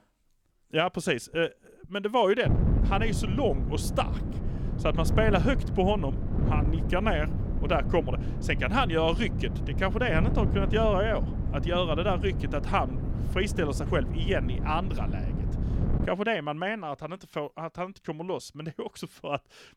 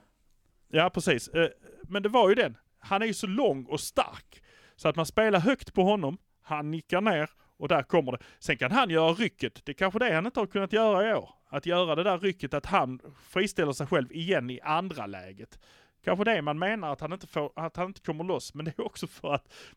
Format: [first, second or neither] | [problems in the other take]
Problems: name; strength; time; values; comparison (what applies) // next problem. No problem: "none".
second | wind noise on the microphone; occasional gusts; from 2.5 to 16 s; 10 dB below the speech